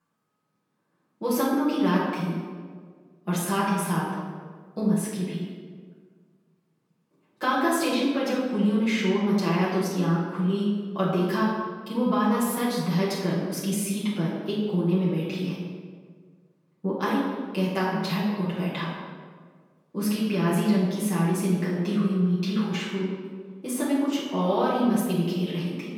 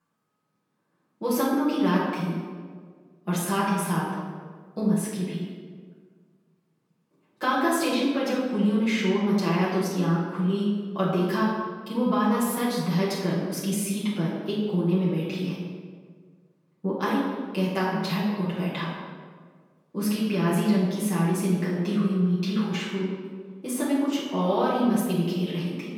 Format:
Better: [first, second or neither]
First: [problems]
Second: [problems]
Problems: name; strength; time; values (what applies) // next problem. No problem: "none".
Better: neither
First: off-mic speech; far // room echo; noticeable; dies away in 1.3 s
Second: off-mic speech; far // room echo; noticeable; dies away in 1.3 s